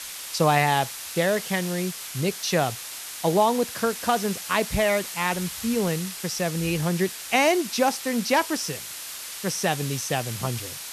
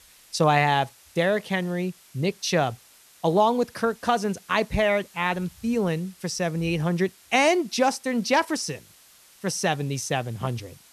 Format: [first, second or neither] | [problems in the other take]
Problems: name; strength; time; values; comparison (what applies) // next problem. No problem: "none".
second | hiss; loud; throughout; 8 dB below the speech; faint in the second